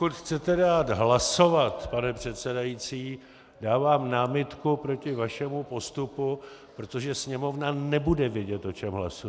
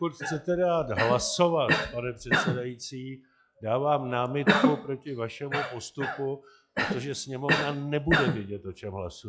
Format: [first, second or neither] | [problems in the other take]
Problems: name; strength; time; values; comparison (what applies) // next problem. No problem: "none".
first | noise reduction (classical method log-MMSE)